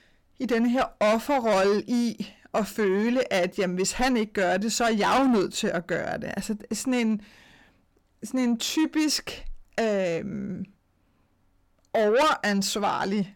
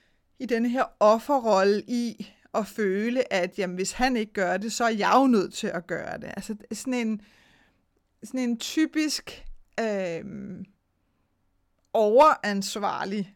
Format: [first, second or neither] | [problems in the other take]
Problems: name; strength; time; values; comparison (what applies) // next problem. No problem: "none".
second | distortion; heavy; 7 dB below the speech